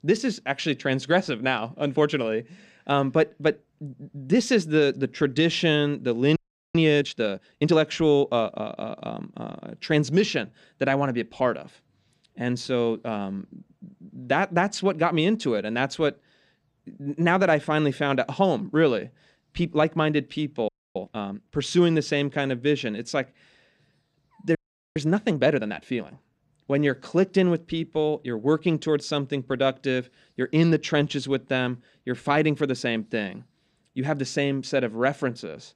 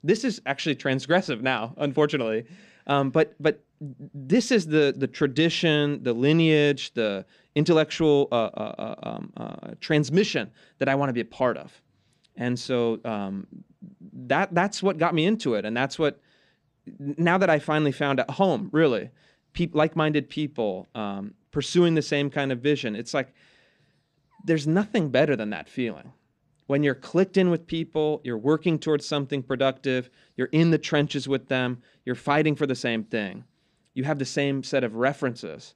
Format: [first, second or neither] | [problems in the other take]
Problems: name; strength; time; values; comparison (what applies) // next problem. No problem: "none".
second | audio freezing; at 6.5 s, at 21 s and at 25 s